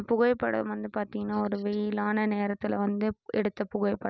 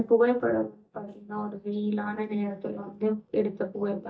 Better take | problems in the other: first | noise reduction (neural mask model DeepFilterNet 3)

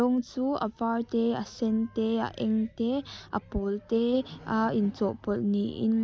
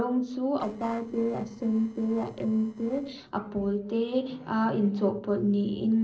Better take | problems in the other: first | noise reduction (neural separator model SepFormer DNS4)

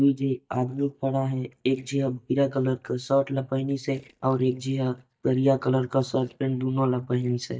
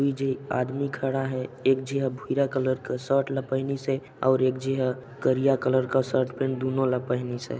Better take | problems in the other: second | noise reduction (neural mask model DeepFilterNet 3)

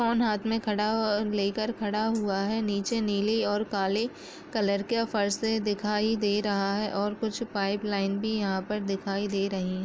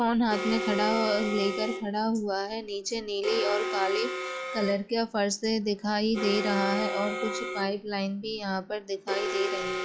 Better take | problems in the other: first | noise reduction (classical method log-MMSE)

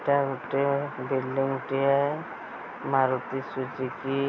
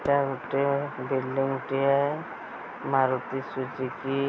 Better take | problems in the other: first | background sound (Percussion); 14 dB below the speech

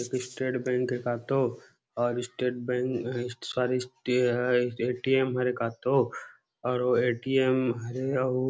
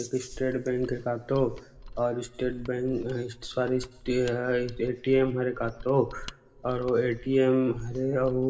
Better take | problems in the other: first | background sound (Mechanisms); 16 dB below the speech // room echo; dies away in 2 s

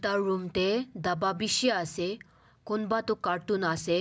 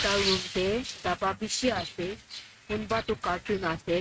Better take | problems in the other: first | noise reduction (neural mask model RNNoise)

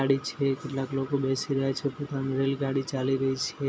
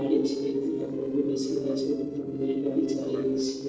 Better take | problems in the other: first | noise reduction (neural separator model SepFormer DNS4)

